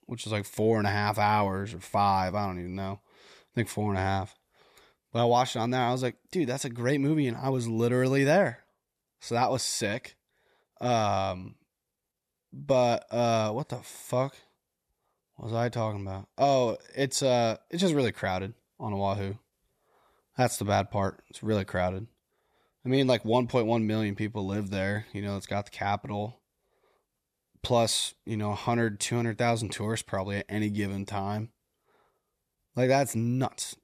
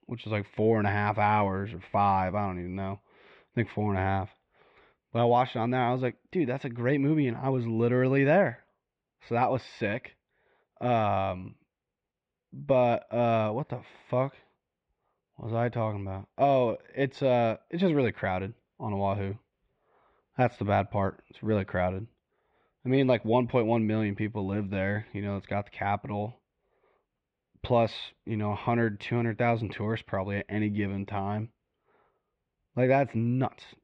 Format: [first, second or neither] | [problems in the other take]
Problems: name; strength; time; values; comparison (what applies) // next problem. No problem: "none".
first | muffled; very; fading above 3 kHz